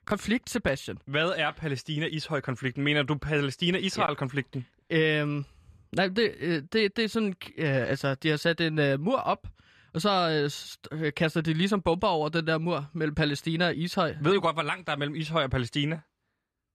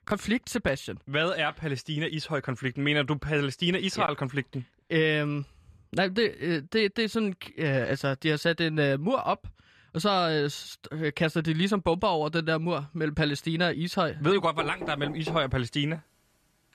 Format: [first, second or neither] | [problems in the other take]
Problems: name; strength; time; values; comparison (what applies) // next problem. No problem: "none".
first | door banging; noticeable; at 15 s; peak 9 dB below the speech